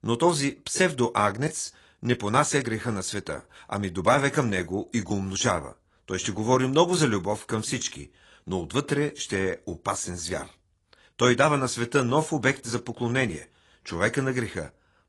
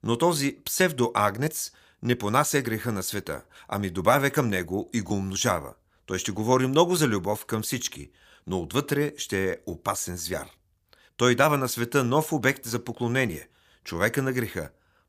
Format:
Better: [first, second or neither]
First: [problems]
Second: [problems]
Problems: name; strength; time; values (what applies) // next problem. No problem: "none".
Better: second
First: garbled, watery; slightly; nothing above 10.5 kHz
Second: none